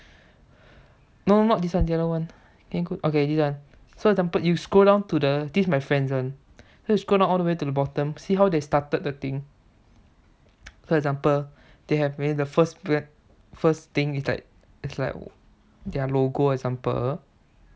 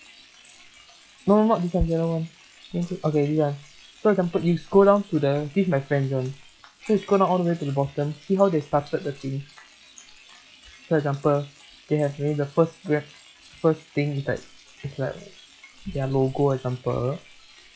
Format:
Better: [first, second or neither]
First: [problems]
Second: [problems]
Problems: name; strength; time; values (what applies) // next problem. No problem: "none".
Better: first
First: none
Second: noise reduction (classical method log-MMSE)